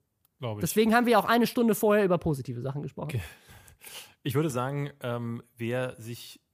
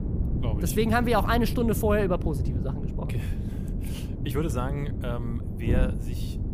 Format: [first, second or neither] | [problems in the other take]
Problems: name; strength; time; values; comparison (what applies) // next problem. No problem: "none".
first | wind noise on the microphone; occasional gusts; 10 dB below the speech